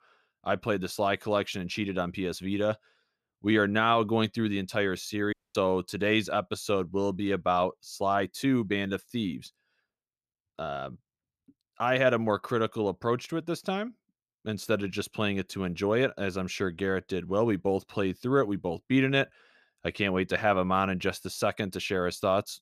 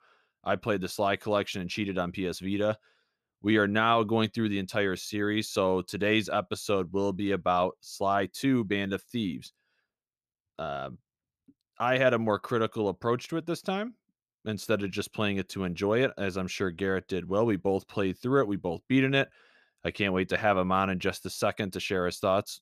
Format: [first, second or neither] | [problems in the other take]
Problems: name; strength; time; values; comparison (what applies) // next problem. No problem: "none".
second | audio cutting out; at 5.5 s